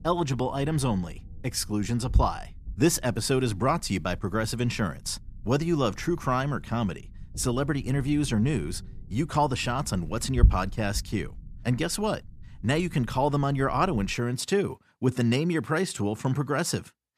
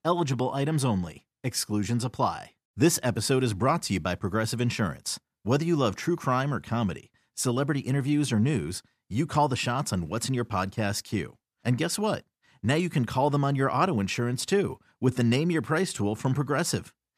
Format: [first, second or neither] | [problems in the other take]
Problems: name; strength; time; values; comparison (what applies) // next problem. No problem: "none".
second | low rumble; faint; until 14 s; 25 dB below the speech